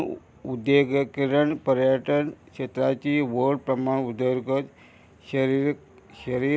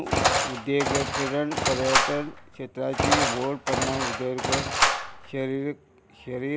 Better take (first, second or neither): first